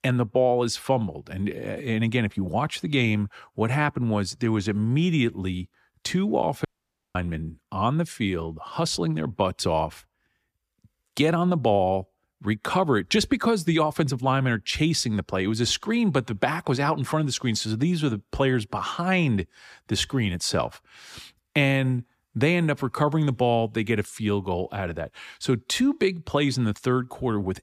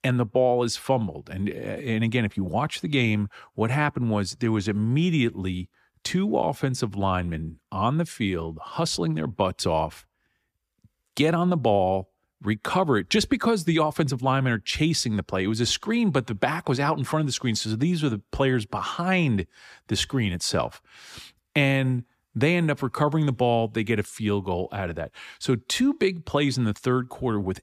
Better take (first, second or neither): second